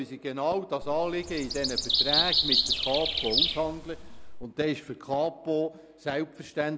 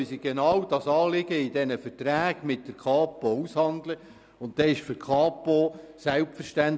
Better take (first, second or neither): second